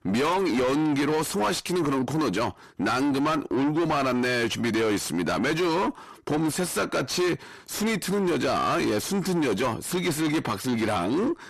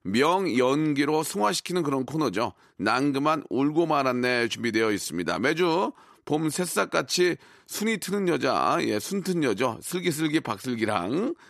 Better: second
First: distortion; heavy; 6 dB below the speech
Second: none

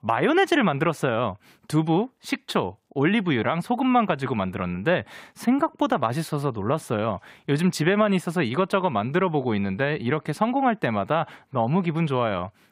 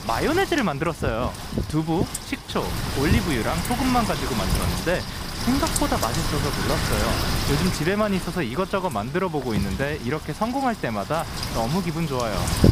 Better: first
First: none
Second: wind noise on the microphone; heavy; 4 dB below the speech

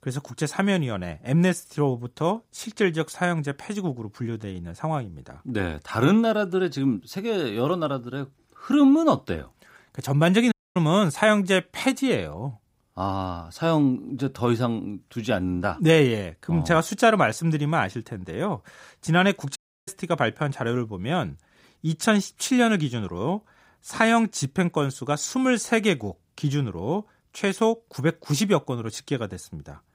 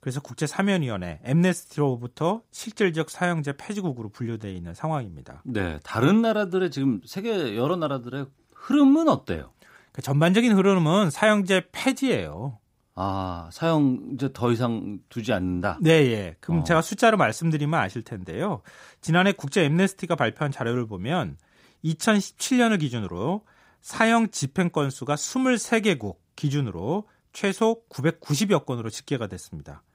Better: second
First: audio cutting out; at 11 s and at 20 s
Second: none

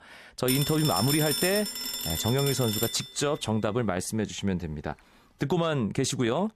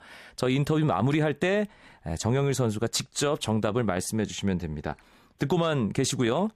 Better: second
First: phone ringing; loud; until 3 s; peak 1 dB above the speech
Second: none

